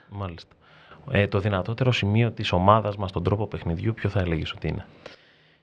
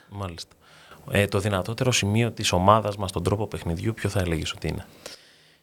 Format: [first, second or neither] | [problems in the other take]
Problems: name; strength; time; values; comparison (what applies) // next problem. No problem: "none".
second | muffled; slightly; fading above 3.5 kHz